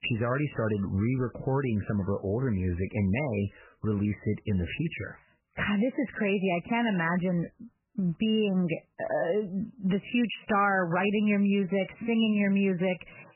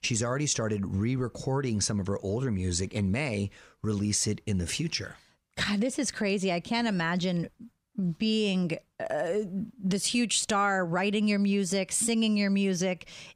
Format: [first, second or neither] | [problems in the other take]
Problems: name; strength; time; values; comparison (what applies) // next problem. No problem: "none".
second | garbled, watery; badly; nothing above 3 kHz